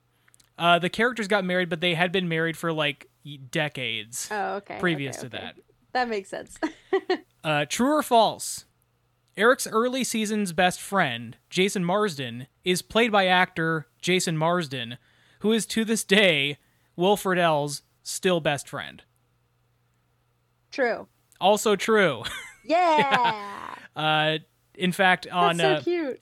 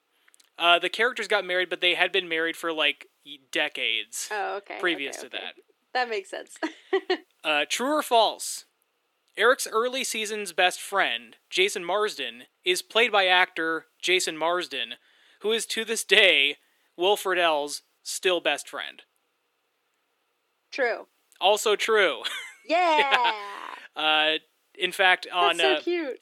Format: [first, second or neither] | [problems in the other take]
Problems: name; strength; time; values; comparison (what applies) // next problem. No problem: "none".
first | thin; somewhat; fading below 350 Hz